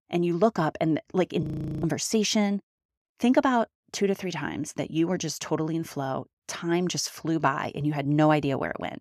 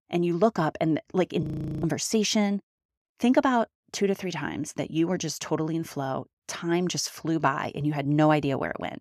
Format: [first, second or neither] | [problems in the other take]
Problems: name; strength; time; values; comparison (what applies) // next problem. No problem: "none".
neither | audio freezing; at 1.5 s; the same in both